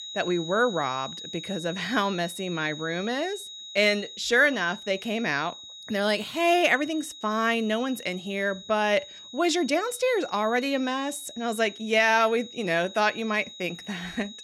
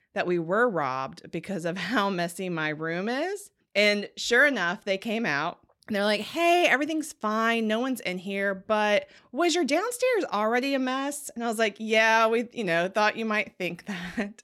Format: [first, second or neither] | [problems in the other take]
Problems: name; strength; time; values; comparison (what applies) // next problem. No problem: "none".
second | high-pitched whine; noticeable; throughout; 4 kHz, 15 dB below the speech